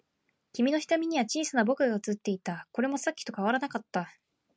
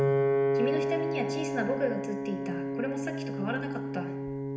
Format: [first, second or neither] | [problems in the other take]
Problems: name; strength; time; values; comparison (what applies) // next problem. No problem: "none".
first | background sound (Piano); 5 dB above the speech // room echo; dies away in 0.8 s